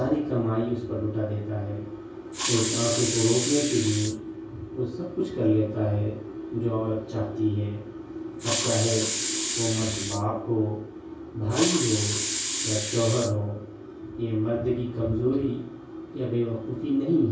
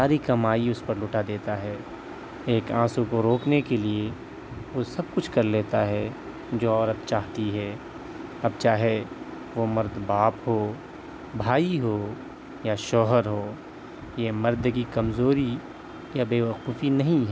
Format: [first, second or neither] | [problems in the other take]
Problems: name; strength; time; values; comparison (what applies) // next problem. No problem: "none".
second | background sound (Hiss); 2 dB below the speech // room echo; dies away in 0.6 s